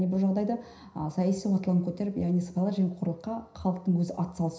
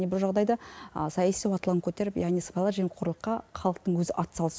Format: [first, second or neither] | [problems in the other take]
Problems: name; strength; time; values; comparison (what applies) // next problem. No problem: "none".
second | room echo; dies away in 0.5 s